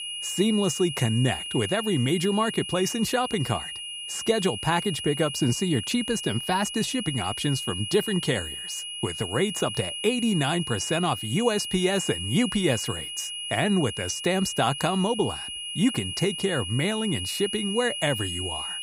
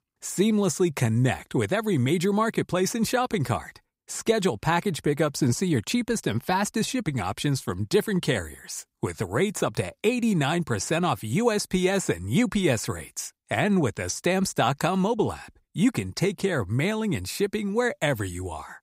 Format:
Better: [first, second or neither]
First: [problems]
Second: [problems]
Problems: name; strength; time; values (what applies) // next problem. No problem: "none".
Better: second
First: high-pitched whine; loud; throughout; 3 kHz, 5 dB below the speech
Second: none